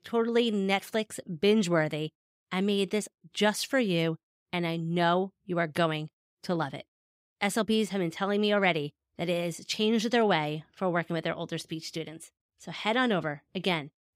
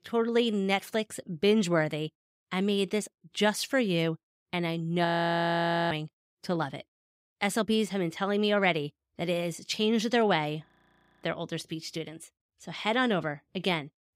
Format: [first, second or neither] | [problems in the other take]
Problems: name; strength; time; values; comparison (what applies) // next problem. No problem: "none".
first | audio freezing; at 5 s for 1 s and at 11 s for 0.5 s